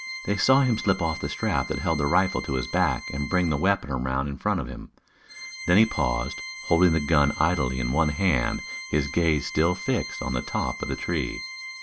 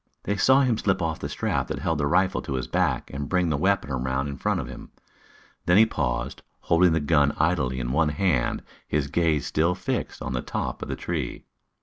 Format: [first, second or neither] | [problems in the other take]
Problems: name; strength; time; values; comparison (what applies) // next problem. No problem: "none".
second | background sound (Organ); 12 dB below the speech